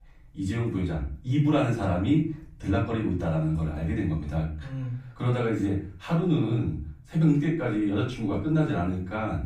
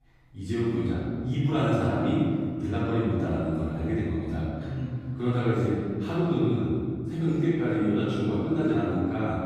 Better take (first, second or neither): first